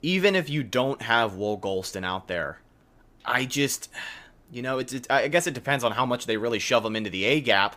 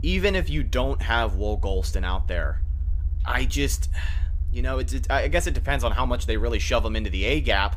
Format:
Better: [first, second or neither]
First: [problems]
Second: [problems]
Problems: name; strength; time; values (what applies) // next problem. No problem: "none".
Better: first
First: none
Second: low rumble; faint; throughout; 20 dB below the speech